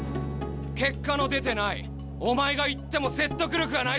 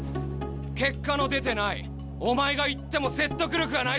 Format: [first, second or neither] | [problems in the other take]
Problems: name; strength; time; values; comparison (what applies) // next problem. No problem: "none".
second | background sound (Strum); 19 dB below the speech